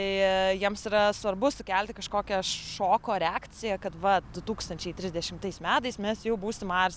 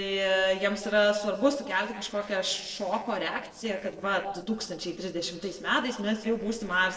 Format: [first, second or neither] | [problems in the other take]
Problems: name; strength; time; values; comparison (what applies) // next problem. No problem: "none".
first | noise reduction (neural separator model SepFormer DNS4)